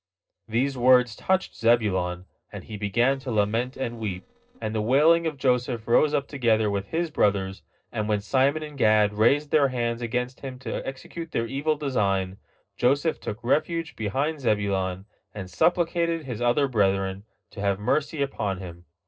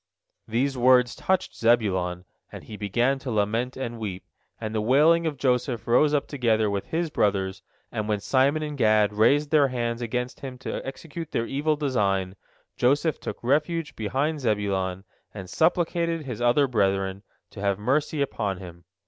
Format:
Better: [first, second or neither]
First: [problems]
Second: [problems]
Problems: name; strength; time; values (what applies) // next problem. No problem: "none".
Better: second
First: noise reduction (neural separator model SepFormer DNS4)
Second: none